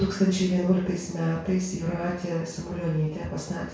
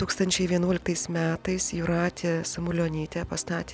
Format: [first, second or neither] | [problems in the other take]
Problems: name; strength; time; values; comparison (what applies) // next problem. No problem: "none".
second | room echo; dies away in 0.6 s